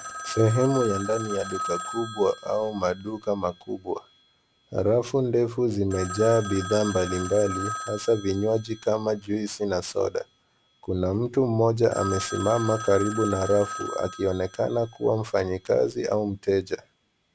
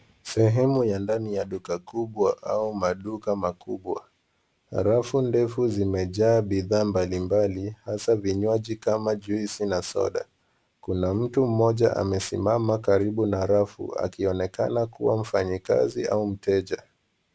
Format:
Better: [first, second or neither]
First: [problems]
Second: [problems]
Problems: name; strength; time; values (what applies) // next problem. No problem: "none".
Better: second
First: background sound (Telephone); 12 dB below the speech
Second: none